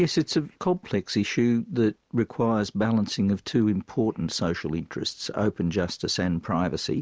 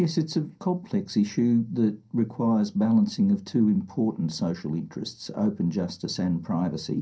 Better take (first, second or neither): first